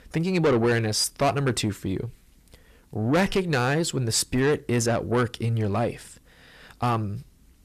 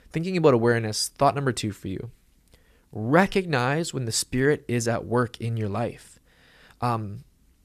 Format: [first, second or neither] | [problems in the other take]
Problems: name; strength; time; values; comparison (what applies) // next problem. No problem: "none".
second | distortion; heavy; 8 dB below the speech